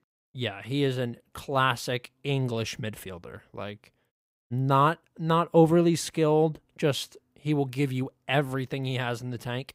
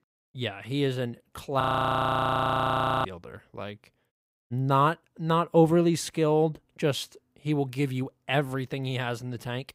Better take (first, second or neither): first